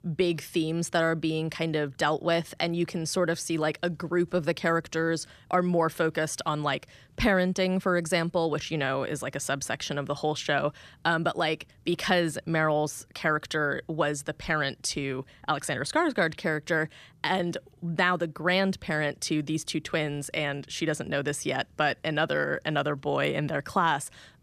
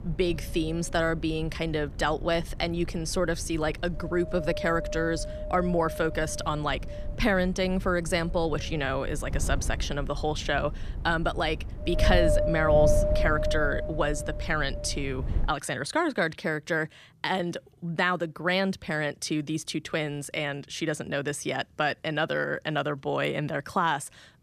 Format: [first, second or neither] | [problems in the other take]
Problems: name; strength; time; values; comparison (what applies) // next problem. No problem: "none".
first | wind noise on the microphone; heavy; until 15 s; 2 dB below the speech